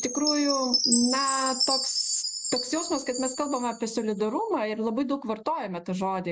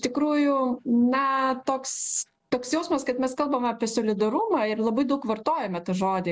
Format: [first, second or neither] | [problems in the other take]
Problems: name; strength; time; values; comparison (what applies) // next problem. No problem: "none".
second | background sound (Chime); 3 dB below the speech